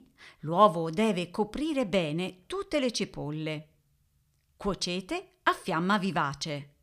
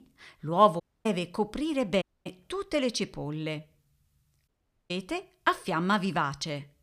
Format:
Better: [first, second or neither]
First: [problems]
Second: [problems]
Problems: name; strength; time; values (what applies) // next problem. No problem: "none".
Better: first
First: none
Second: audio cutting out; at 1 s, at 2 s and at 4.5 s